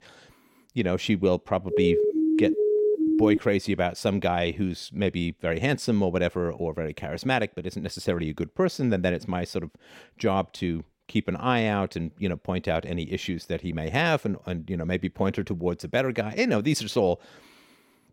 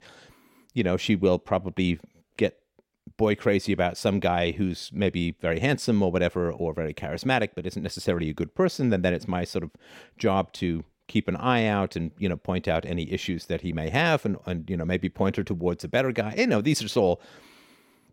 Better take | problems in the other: second | siren; loud; from 1.5 to 3.5 s; peak 4 dB above the speech

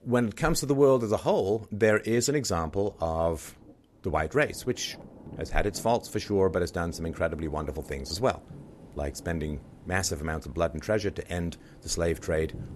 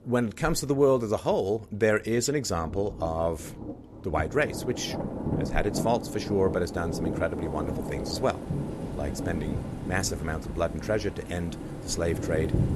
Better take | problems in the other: first | rain or running water; loud; throughout; 6 dB below the speech; faint in the first

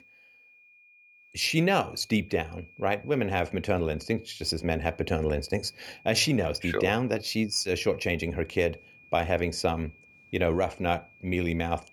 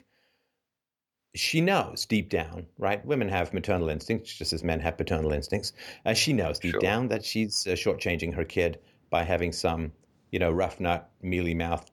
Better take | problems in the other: second | high-pitched whine; faint; throughout; 2.5 kHz, 25 dB below the speech

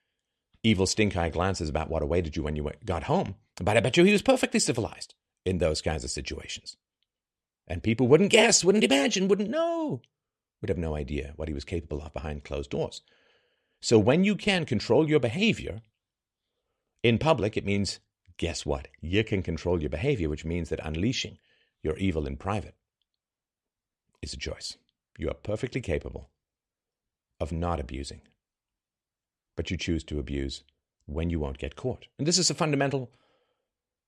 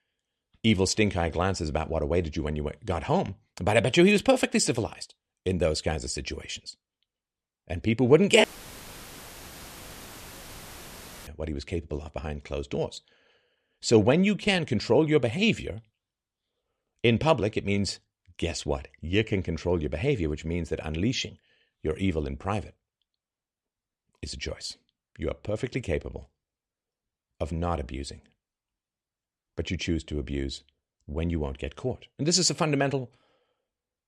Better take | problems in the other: first | audio cutting out; filled with static; at 8.5 s for 3 s

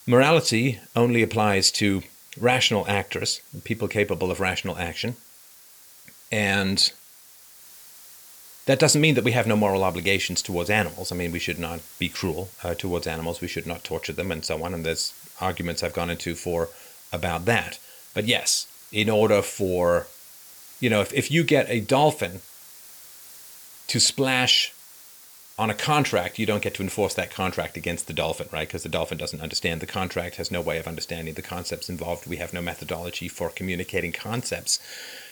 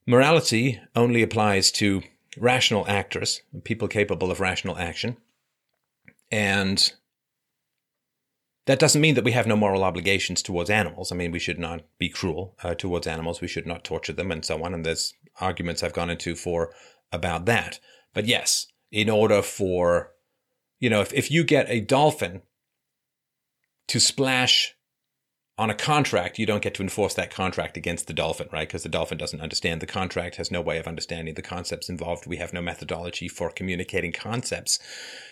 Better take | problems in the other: second | hiss; noticeable; throughout; 20 dB below the speech

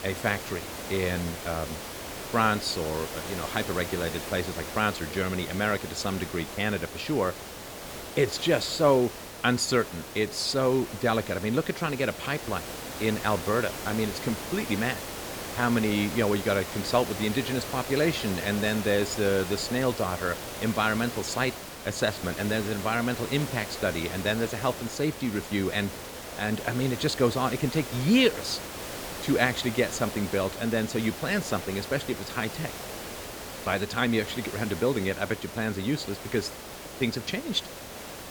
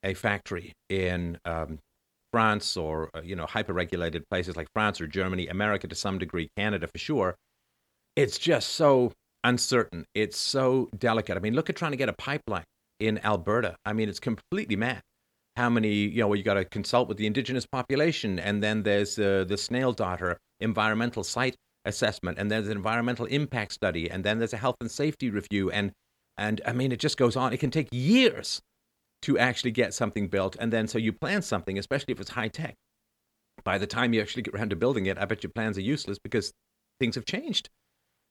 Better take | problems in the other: second | hiss; loud; throughout; 9 dB below the speech

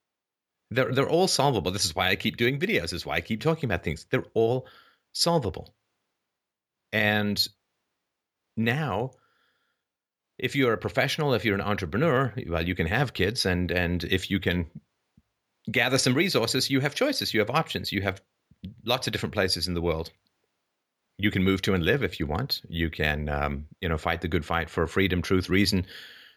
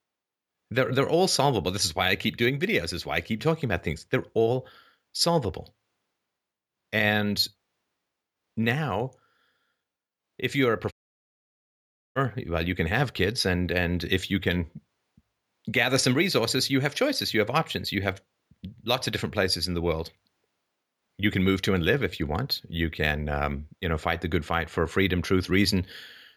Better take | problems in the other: first | audio cutting out; at 11 s for 1 s

